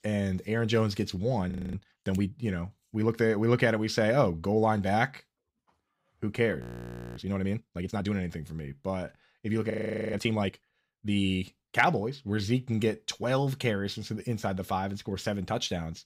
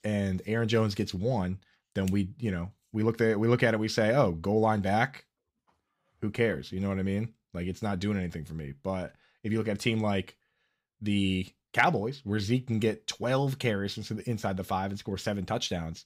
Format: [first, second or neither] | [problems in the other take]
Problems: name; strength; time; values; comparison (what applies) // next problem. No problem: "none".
second | audio freezing; at 1.5 s, at 6.5 s for 0.5 s and at 9.5 s